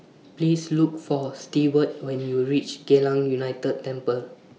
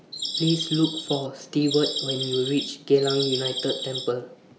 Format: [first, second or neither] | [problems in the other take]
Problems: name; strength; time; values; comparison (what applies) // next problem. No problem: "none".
first | background sound (Bird vocalization, bird call, bird song); 5 dB below the speech